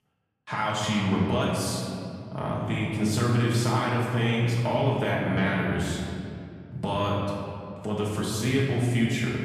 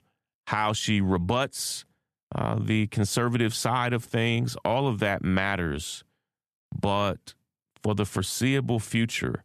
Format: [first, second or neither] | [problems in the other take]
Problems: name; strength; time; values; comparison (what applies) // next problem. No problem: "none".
second | off-mic speech; far // room echo; noticeable; dies away in 2.4 s